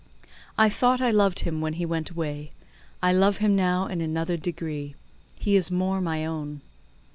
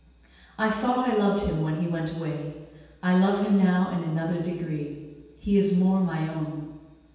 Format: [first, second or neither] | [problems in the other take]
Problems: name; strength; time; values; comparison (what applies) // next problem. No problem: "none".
first | room echo; dies away in 1.2 s